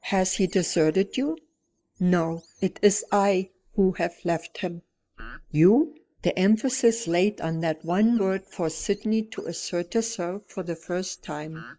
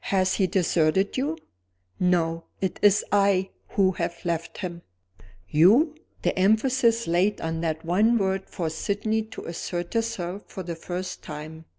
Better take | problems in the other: second | noise reduction (neural mask model Resemble Enhance denoiser)

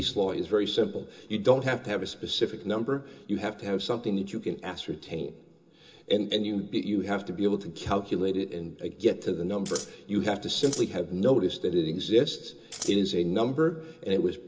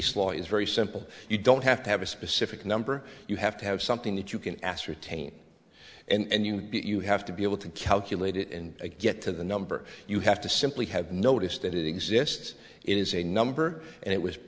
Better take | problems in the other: second | background sound (Scissors); 10 dB below the speech // room echo; dies away in 0.2 s

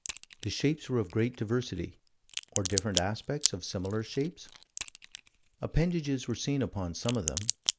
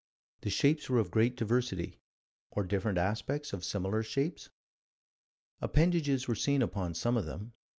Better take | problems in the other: second | background sound (Crack); 6 dB below the speech

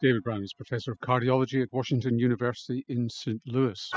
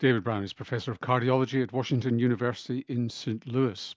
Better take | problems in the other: second | noise reduction (classical method spectral subtraction)

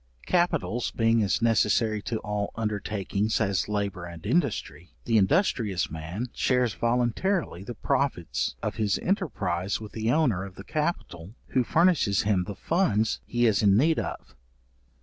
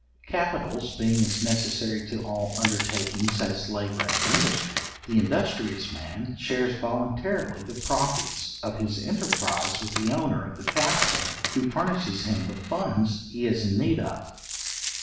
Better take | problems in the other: first | background sound (Coin (dropping)); 5 dB below the speech // room echo; dies away in 0.7 s

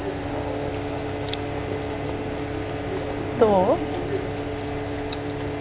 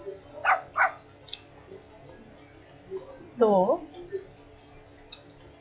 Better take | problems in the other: first | noise reduction (classical method log-MMSE)

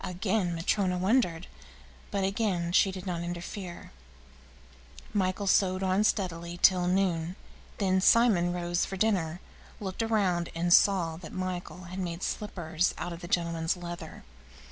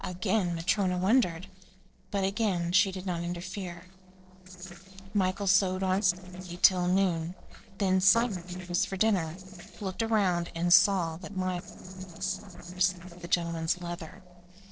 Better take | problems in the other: first | noise reduction (neural separator model SepFormer DNS4)

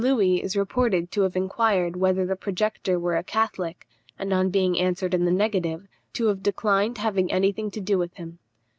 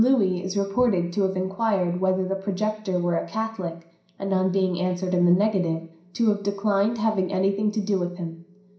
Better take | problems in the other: first | room echo; dies away in 0.5 s

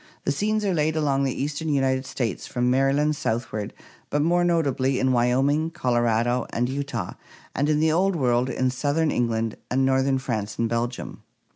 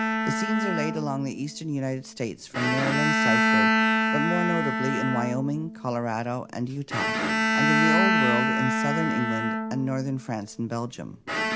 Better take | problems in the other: first | background sound (Bowed string instrument); 4 dB above the speech

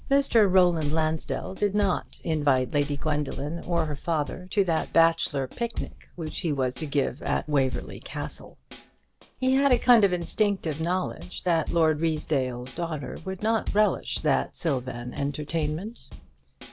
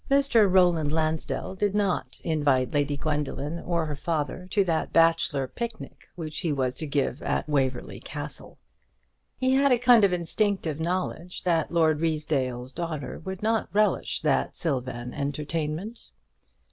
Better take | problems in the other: second | background sound (Drum kit); 13 dB below the speech

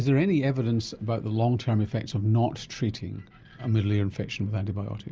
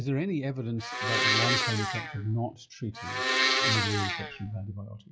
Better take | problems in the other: first | noise reduction (classical method log-MMSE)

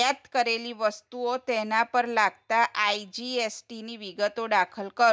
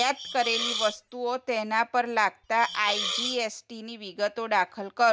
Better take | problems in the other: first | background sound (Hiss); 6 dB below the speech

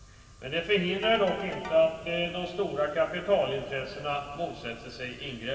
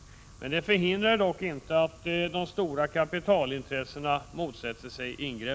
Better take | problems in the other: second | background sound (Ringtone / Keyboard (musical)); 15 dB below the speech // room echo; dies away in 2.6 s

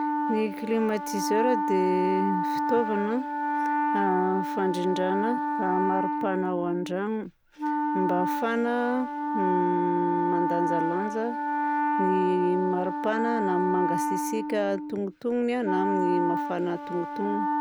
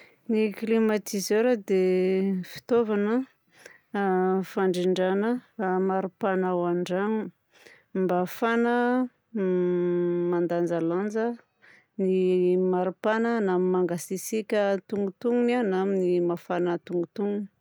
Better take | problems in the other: second | background sound (Wind instrument, woodwind instrument); 1 dB below the speech

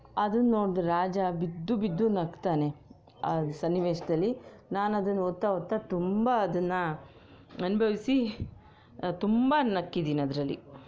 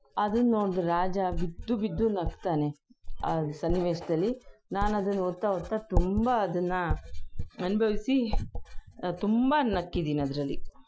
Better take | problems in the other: first | noise reduction (classical method Wiener filter)

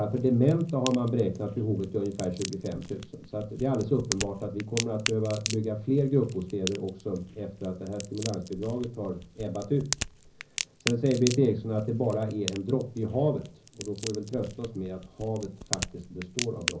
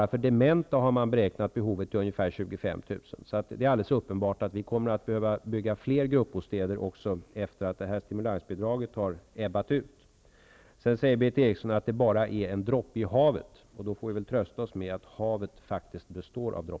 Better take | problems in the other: second | background sound (Crack); 10 dB below the speech // room echo; dies away in 0.5 s

